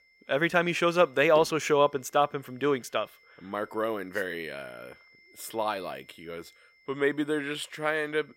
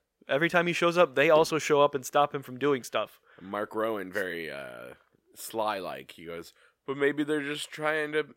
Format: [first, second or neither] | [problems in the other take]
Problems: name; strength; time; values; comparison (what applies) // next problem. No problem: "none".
second | high-pitched whine; faint; throughout; 2 kHz, 30 dB below the speech